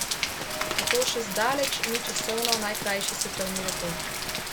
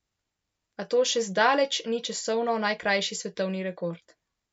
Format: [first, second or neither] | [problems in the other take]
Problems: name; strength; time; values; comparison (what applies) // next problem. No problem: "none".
second | background sound (Rain); 2 dB above the speech